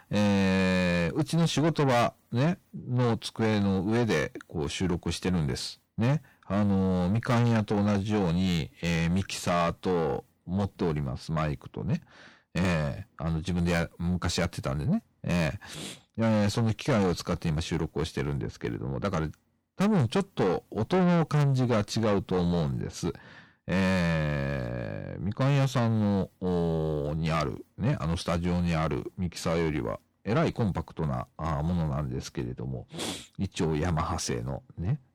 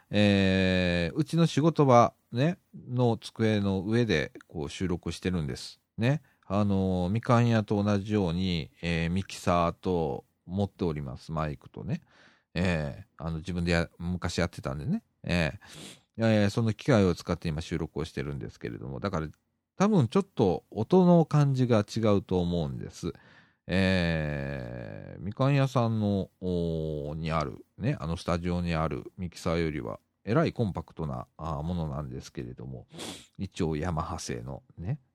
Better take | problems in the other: second | distortion; heavy; 6 dB below the speech

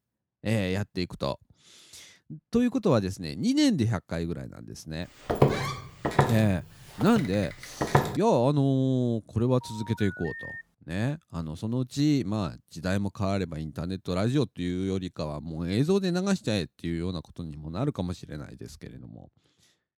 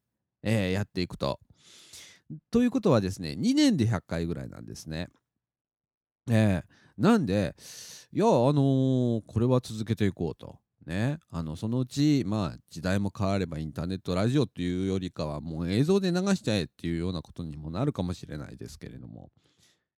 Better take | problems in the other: second | footsteps; loud; from 5.5 to 8 s; peak 4 dB above the speech // phone ringing; noticeable; from 9.5 to 11 s; peak 10 dB below the speech

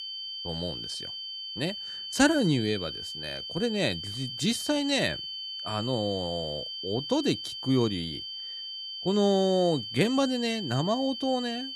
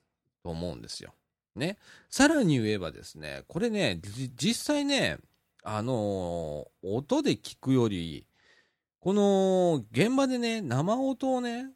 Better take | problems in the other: second | high-pitched whine; loud; throughout; 3 kHz, 7 dB below the speech

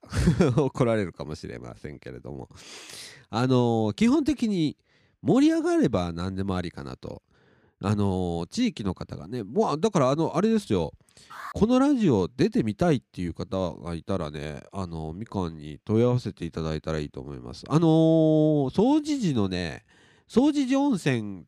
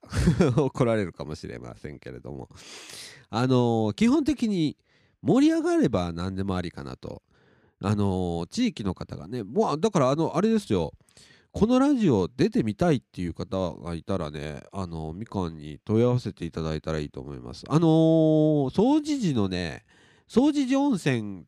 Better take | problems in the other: second | alarm; faint; at 11 s; peak 15 dB below the speech

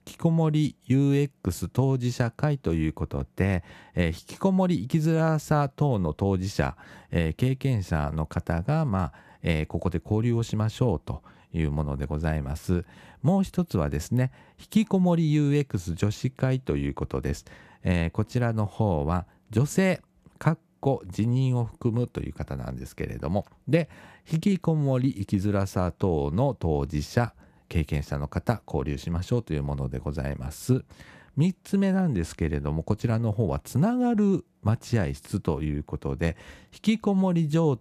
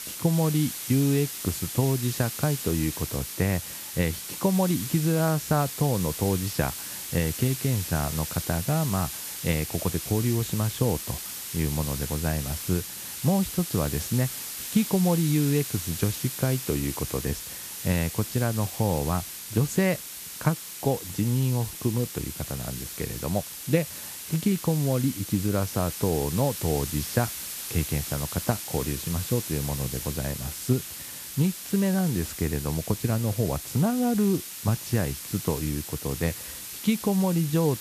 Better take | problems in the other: first | hiss; loud; throughout; 6 dB below the speech

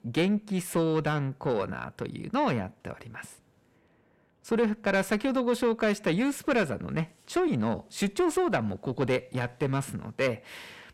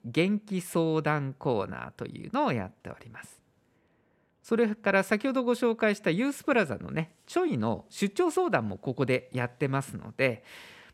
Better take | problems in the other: second | distortion; slight; 10 dB below the speech

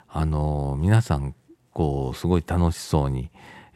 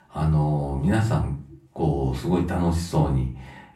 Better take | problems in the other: first | off-mic speech; far // room echo; slight; dies away in 0.3 s

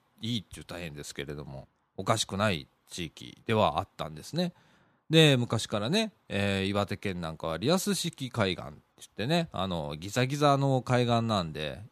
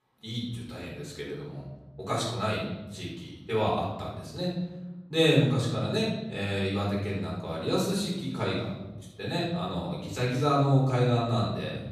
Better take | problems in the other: first | off-mic speech; far // room echo; noticeable; dies away in 1.2 s

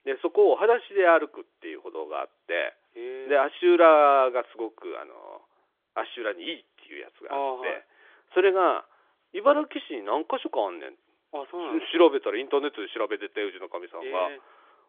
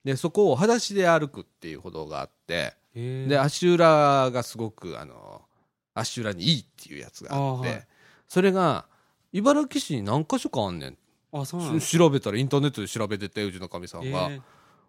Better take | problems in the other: second | phone-call audio; nothing above 3.5 kHz

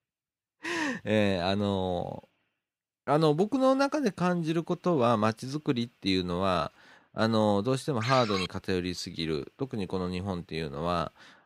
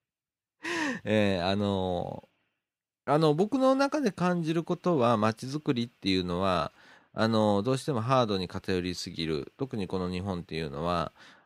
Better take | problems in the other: second | phone ringing; noticeable; at 8 s; peak 4 dB below the speech

